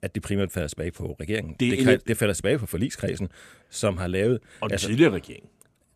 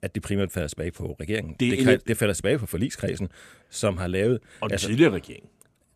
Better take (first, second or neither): neither